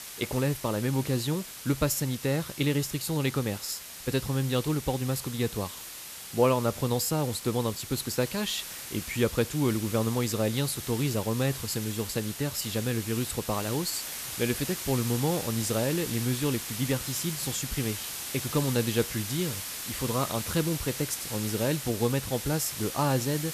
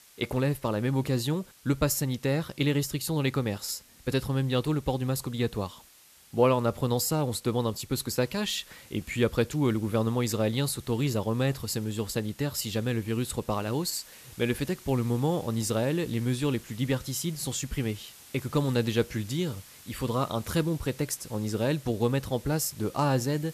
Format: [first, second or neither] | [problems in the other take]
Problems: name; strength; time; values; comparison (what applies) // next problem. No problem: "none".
second | hiss; loud; throughout; 7 dB below the speech; faint in the second